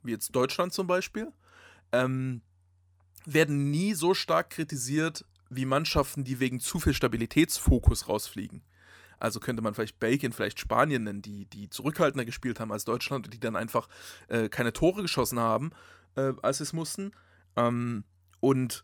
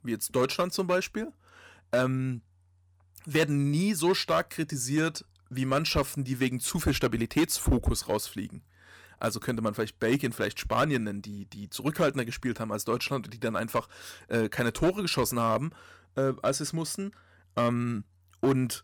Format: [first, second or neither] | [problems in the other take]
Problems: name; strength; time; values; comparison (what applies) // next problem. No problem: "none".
first | distortion; slight; 3% of the sound clipped